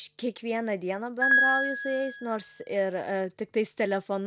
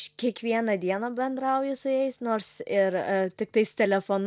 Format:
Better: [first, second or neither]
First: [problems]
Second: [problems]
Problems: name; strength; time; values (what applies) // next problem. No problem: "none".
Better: second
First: background sound (Piano); 2 dB above the speech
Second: none